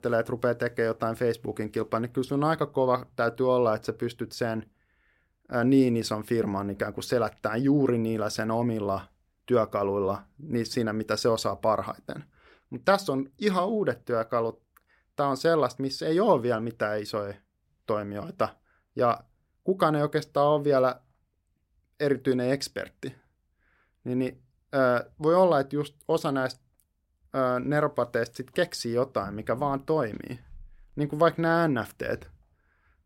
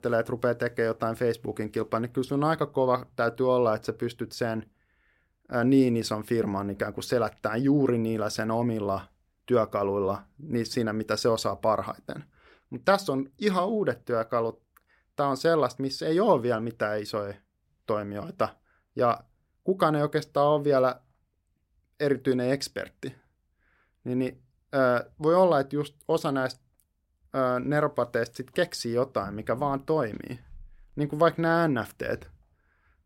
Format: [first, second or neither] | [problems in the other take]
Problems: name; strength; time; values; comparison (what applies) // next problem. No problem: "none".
neither | none